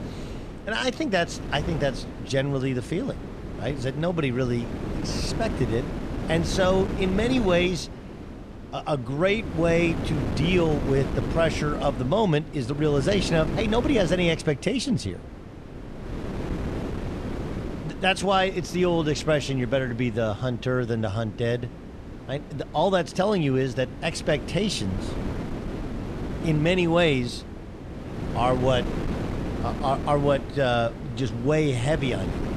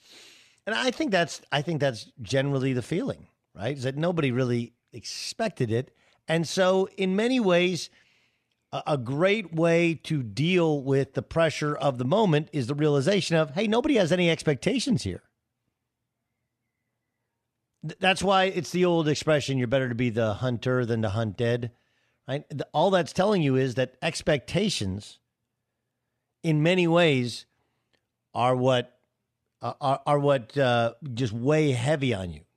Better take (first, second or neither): second